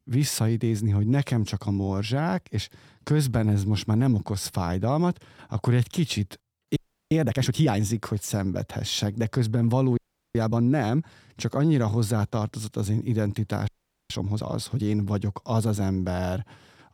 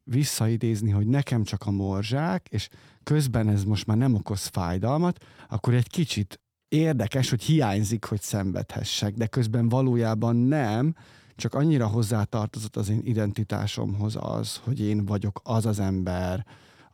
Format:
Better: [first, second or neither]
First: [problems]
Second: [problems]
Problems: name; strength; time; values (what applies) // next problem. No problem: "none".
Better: second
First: audio freezing; at 7 s, at 10 s and at 14 s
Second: none